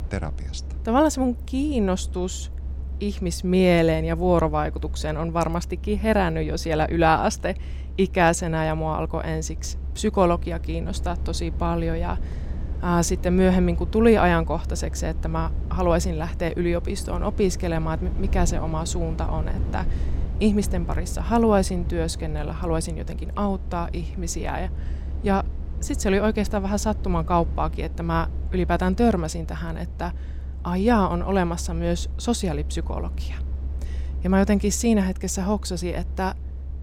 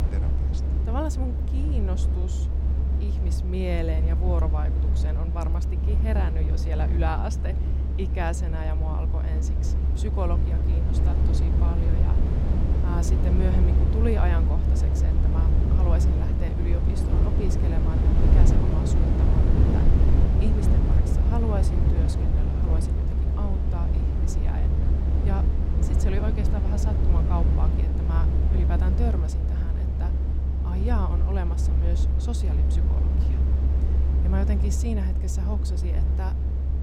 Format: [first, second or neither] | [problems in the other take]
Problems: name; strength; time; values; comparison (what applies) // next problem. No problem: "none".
first | low rumble; loud; throughout; 1 dB below the speech; faint in the first